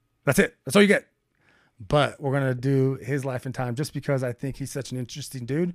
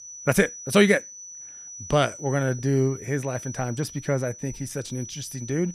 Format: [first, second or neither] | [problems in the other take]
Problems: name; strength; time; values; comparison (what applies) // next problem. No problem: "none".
first | high-pitched whine; noticeable; throughout; 6 kHz, 15 dB below the speech